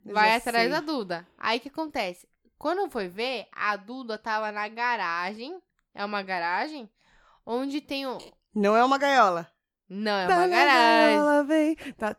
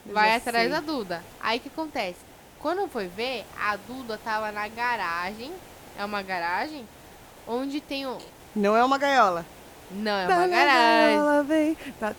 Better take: first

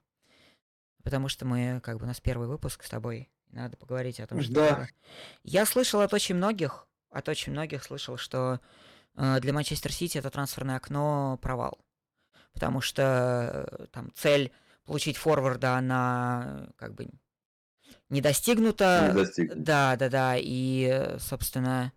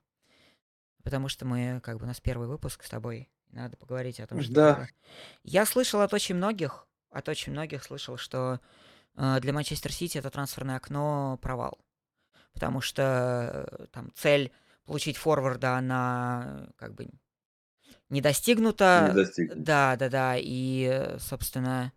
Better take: second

